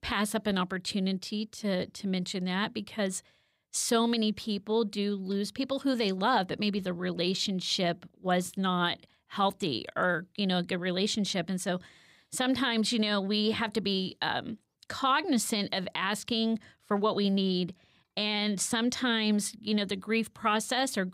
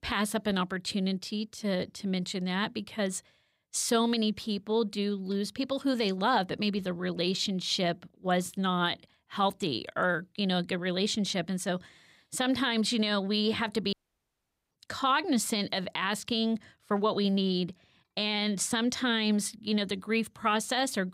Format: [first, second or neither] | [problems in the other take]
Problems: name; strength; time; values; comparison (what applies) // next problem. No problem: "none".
first | audio cutting out; at 14 s for 1 s